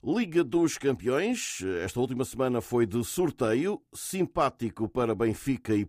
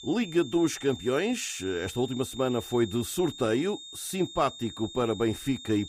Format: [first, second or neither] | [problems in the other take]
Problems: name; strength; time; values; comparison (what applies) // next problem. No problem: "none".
first | high-pitched whine; noticeable; throughout; 3.5 kHz, 15 dB below the speech